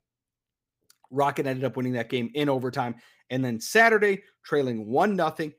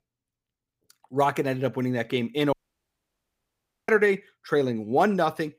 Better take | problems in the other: first | audio cutting out; at 2.5 s for 1.5 s

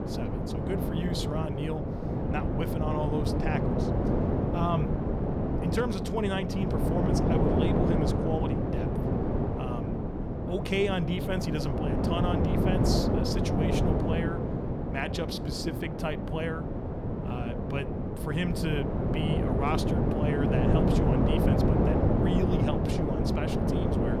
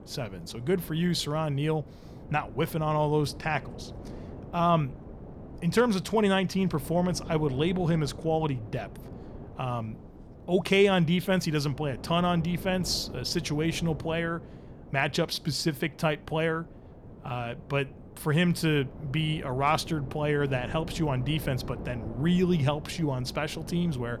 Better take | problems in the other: second | wind noise on the microphone; heavy; 2 dB above the speech; occasional gusts in the second

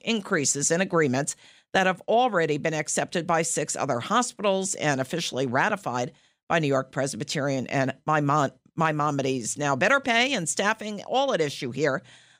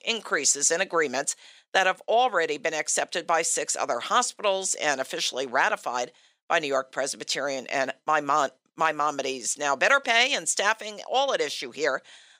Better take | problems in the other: first | thin; somewhat; fading below 500 Hz

